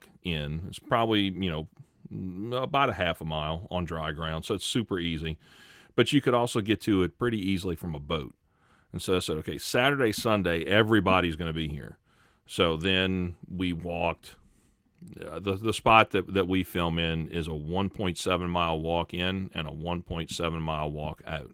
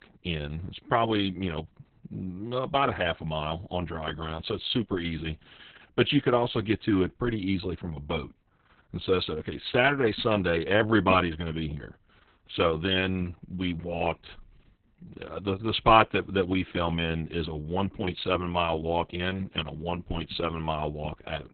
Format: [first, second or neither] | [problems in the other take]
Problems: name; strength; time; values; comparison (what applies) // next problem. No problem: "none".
first | garbled, watery; badly; nothing above 4 kHz; slightly in the first